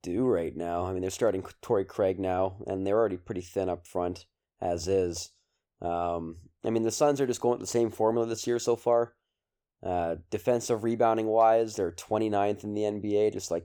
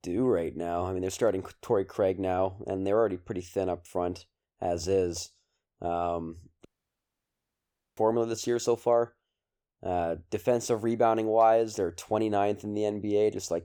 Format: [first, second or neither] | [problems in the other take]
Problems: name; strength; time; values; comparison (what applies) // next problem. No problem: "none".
first | audio cutting out; at 6.5 s for 1.5 s